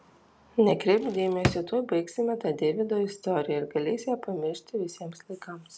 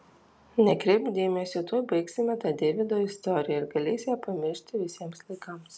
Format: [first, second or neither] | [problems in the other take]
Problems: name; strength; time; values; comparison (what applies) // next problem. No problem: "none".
second | background sound (Drawer open or close); 4 dB below the speech